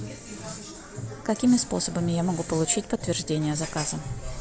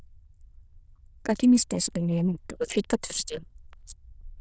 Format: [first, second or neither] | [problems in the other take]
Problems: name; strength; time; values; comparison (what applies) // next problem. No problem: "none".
first | noise reduction (neural diffusion model UNIVERSE++)